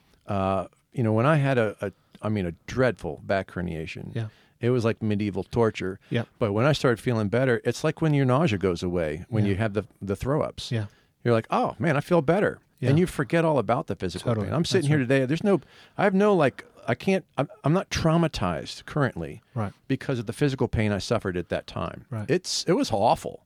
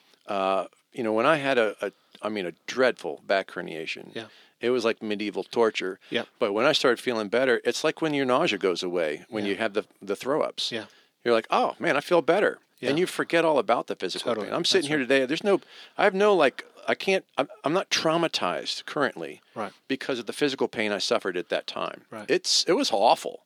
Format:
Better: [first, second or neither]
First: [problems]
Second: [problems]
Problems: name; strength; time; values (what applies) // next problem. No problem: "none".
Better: first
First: none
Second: thin; somewhat; fading below 300 Hz